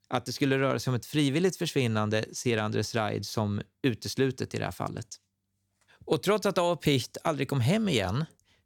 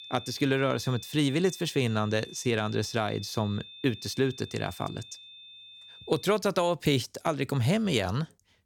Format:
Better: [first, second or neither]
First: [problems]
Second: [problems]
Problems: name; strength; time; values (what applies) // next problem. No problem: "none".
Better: first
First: none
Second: high-pitched whine; noticeable; until 6.5 s; 3.5 kHz, 15 dB below the speech